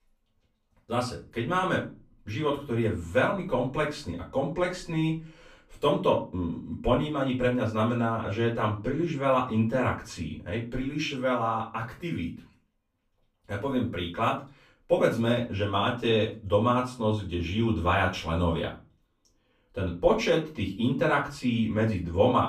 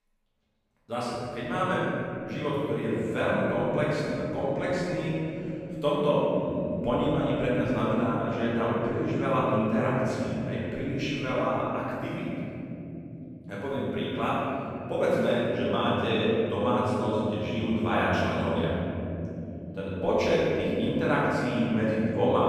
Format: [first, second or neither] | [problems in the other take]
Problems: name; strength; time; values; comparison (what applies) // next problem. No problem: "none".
first | room echo; strong; dies away in 3 s; slight in the first // off-mic speech; far; far in the first